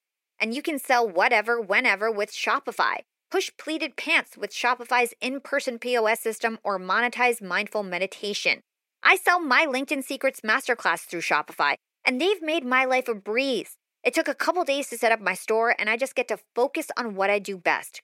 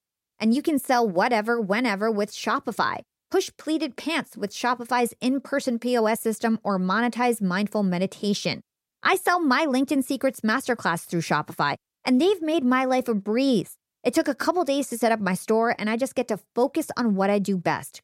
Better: second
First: thin; somewhat; fading below 450 Hz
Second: none

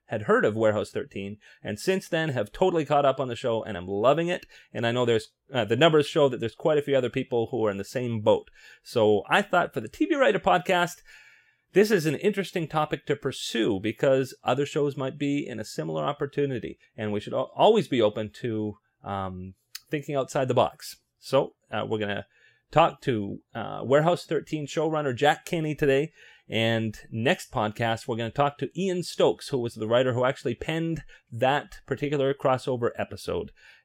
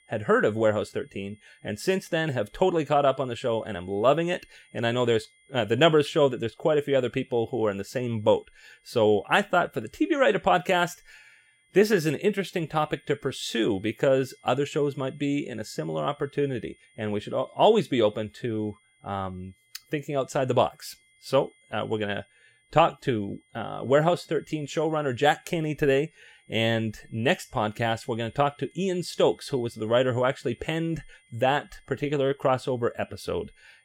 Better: first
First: none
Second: high-pitched whine; faint; throughout; 2 kHz, 35 dB below the speech

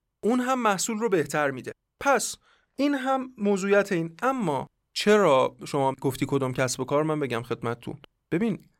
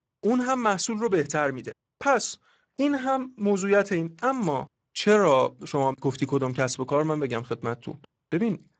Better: first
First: none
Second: garbled, watery; badly; nothing above 7.5 kHz

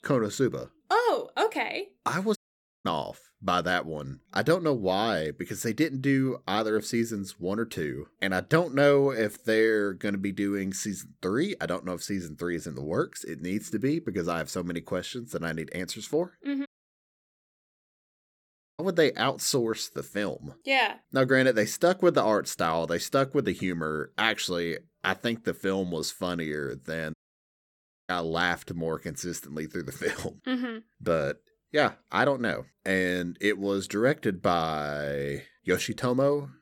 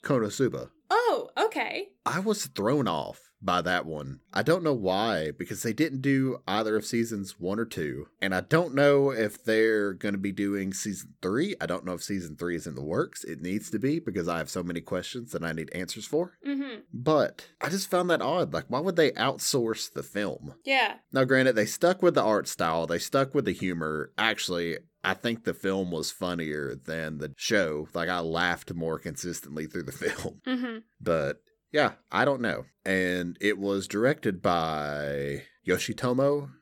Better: second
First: audio cutting out; at 2.5 s, at 17 s for 2 s and at 27 s for 1 s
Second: none

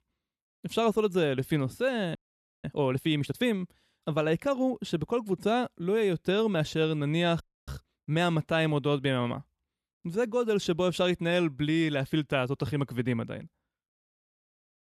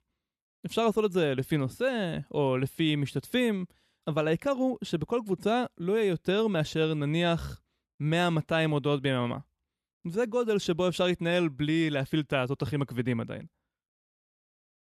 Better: second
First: audio freezing; at 2 s and at 7.5 s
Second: none

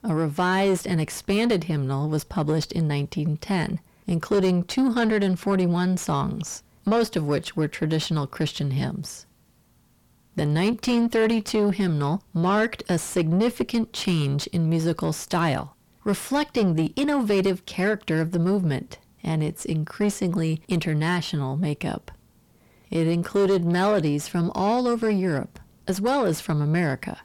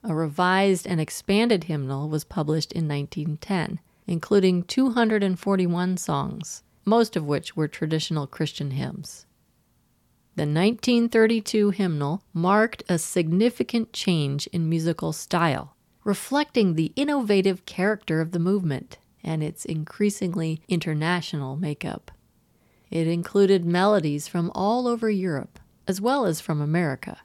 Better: second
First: distortion; slight; 9 dB below the speech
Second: none

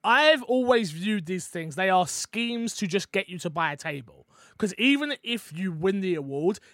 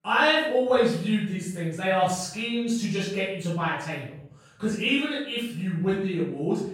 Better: first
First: none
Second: room echo; noticeable; dies away in 0.5 s // off-mic speech; far

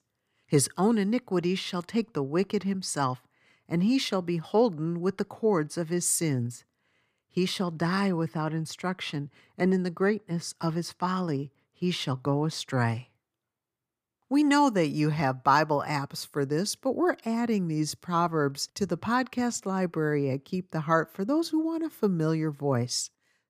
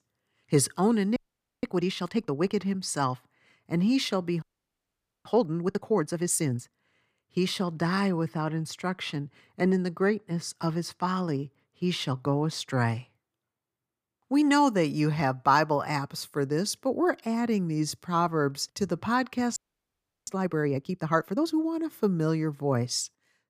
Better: first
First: none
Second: audio freezing; at 1 s, at 4.5 s for 1 s and at 20 s for 0.5 s

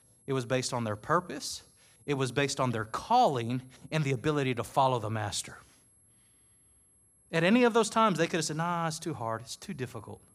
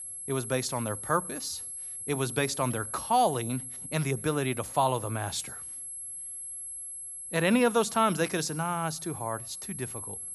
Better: first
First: high-pitched whine; faint; throughout; 11 kHz, 30 dB below the speech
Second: high-pitched whine; loud; throughout; 11 kHz, 8 dB below the speech

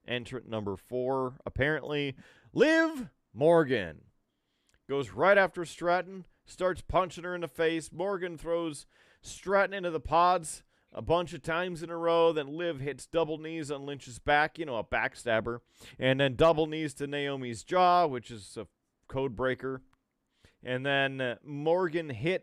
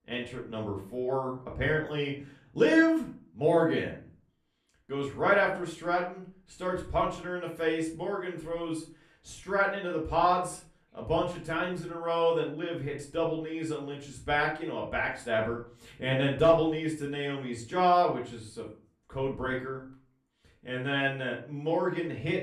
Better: first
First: none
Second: room echo; slight; dies away in 0.3 s // off-mic speech; far

